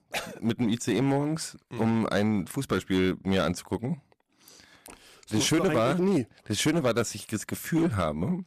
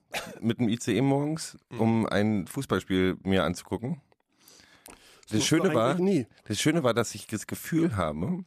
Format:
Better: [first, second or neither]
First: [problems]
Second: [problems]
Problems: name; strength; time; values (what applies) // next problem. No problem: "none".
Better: second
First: distortion; slight; 7% of the sound clipped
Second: none